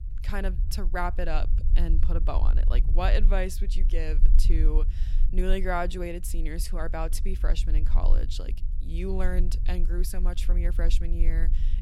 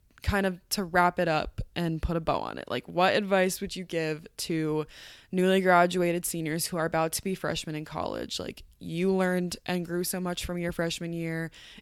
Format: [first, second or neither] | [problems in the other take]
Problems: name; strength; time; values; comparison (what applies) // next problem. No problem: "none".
second | low rumble; noticeable; throughout; 15 dB below the speech